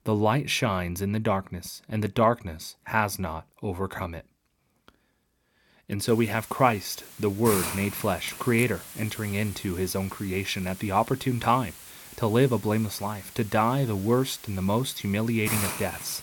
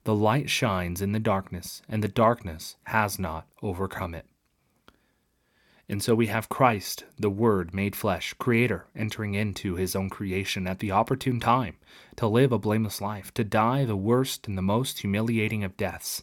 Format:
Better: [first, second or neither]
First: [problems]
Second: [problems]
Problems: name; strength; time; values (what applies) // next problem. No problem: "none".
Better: second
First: hiss; noticeable; from 6 s on; 10 dB below the speech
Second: none